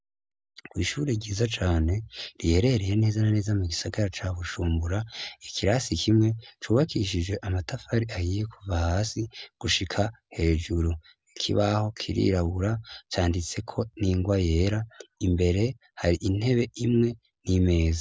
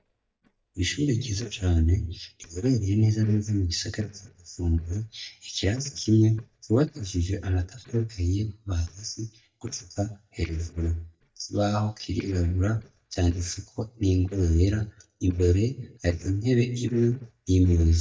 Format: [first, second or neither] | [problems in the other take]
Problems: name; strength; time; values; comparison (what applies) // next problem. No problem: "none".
first | noise reduction (neural mask model DeepFilterNet 3)